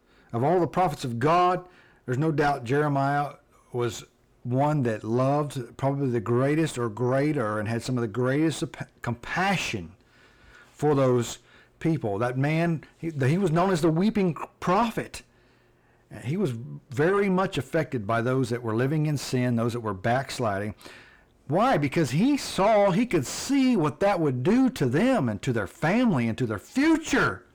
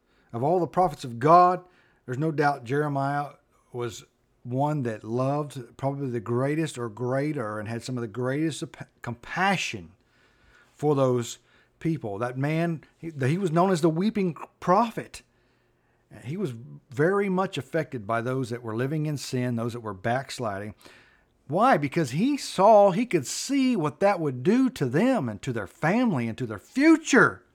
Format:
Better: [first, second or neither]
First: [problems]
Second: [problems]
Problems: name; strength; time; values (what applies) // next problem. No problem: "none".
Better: second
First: distortion; heavy; 6 dB below the speech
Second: none